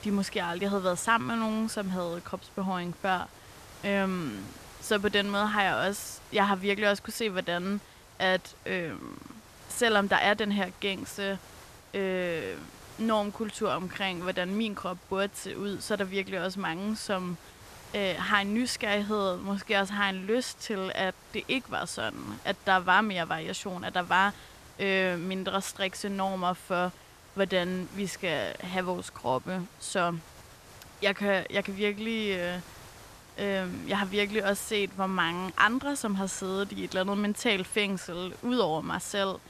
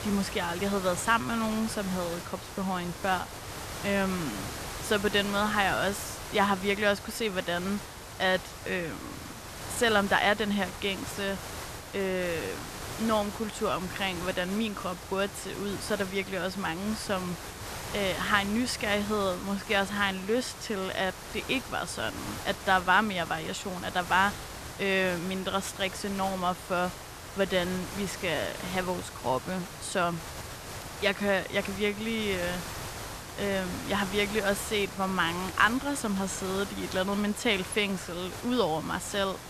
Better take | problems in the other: first | hiss; loud; throughout; 10 dB below the speech; faint in the first

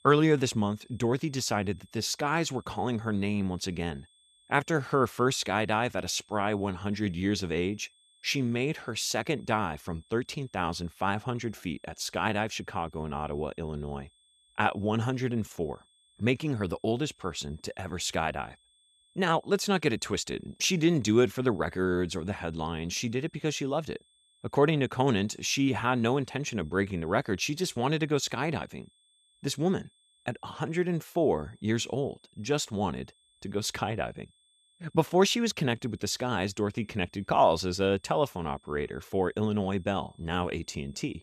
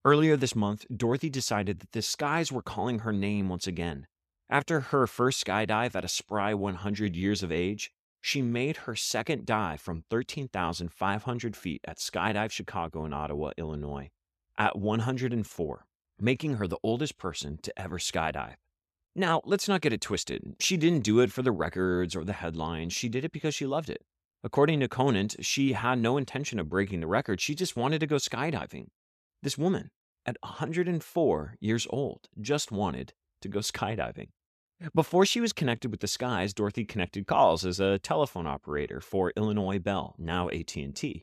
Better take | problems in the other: second | high-pitched whine; faint; throughout; 3.5 kHz, 35 dB below the speech

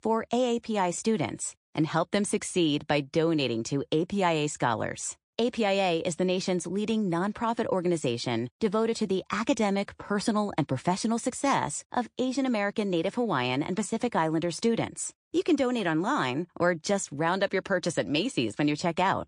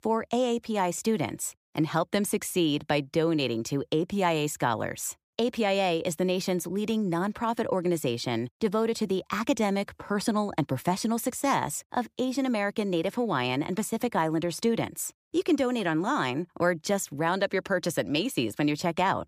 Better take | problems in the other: second | garbled, watery; slightly; nothing above 8.5 kHz

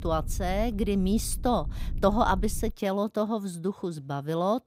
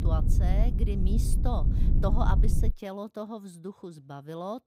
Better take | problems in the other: first | low rumble; loud; until 2.5 s; 5 dB below the speech; faint in the first

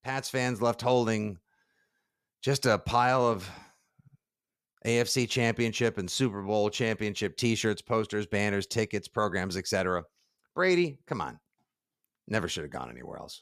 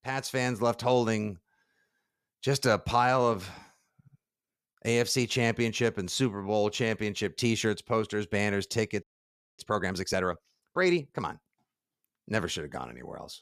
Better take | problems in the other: first | audio freezing; at 9 s for 0.5 s

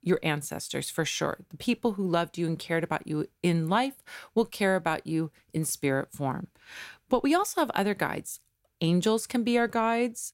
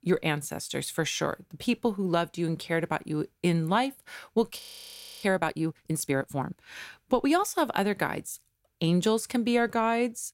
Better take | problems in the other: first | audio freezing; at 4.5 s for 0.5 s

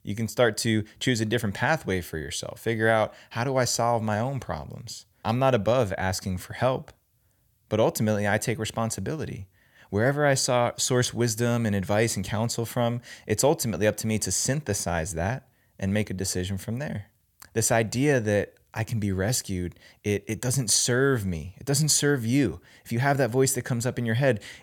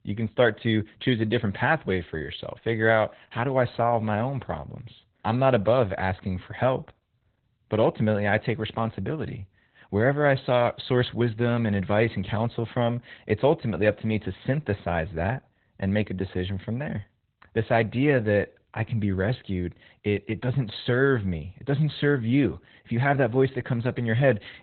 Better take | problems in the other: first | garbled, watery; badly; nothing above 4 kHz

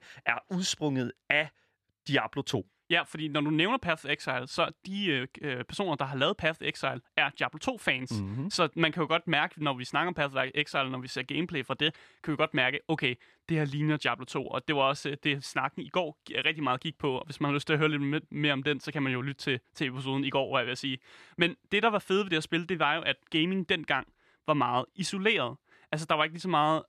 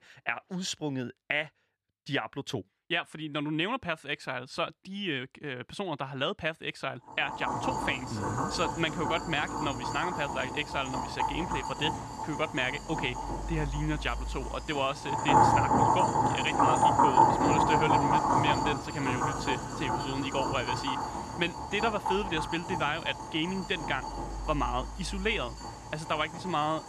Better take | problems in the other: first | household noises; very loud; from 7.5 s on; 3 dB above the speech

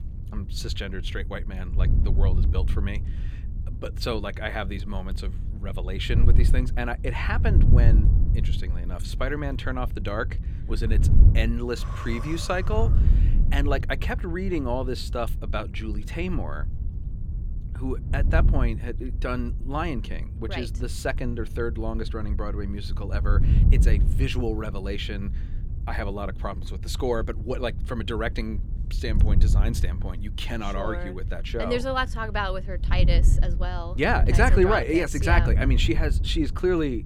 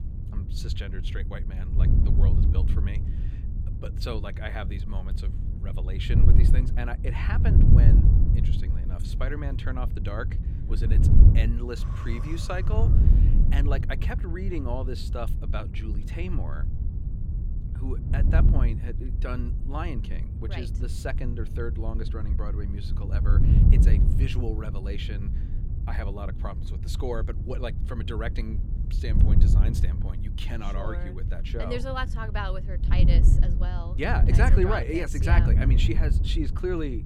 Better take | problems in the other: first | wind noise on the microphone; heavy; 5 dB below the speech; occasional gusts in the first

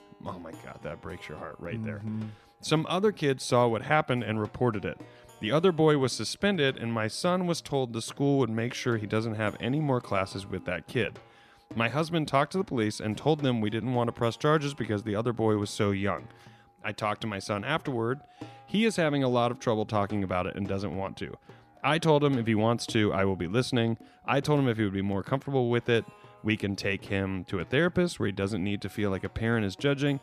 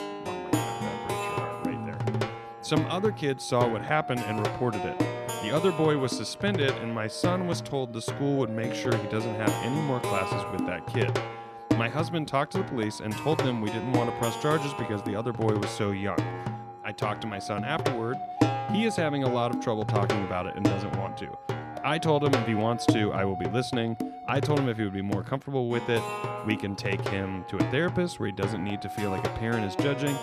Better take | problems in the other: first | background music; loud; throughout; 3 dB below the speech; faint in the first

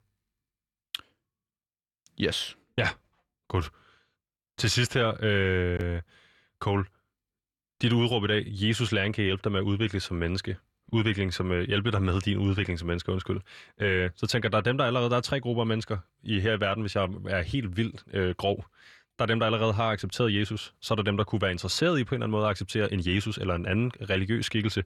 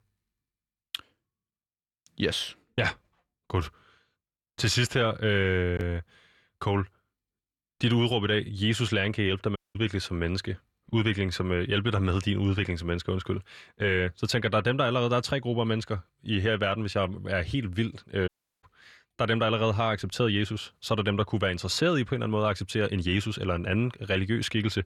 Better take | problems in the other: first | audio cutting out; at 9.5 s and at 18 s

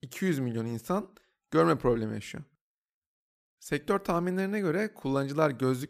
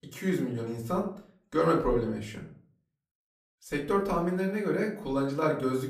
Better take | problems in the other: first | off-mic speech; far // room echo; slight; dies away in 0.4 s

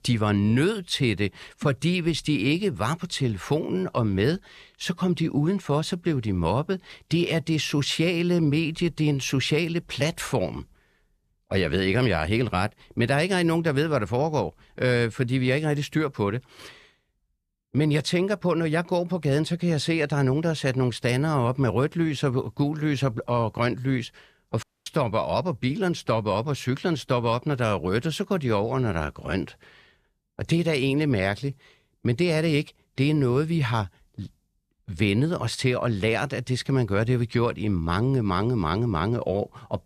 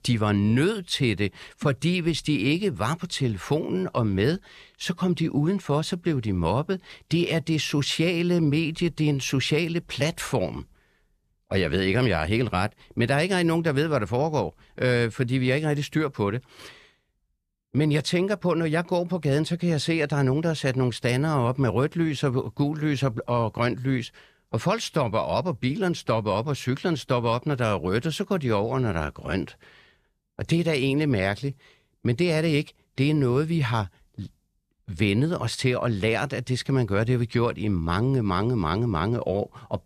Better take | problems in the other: second | audio cutting out; at 25 s

